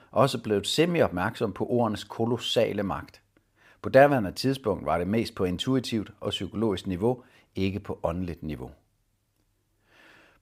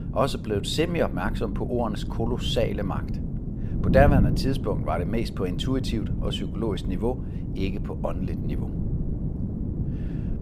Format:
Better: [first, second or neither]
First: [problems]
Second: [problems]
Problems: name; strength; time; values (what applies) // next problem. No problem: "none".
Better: first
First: none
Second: wind noise on the microphone; occasional gusts; 10 dB below the speech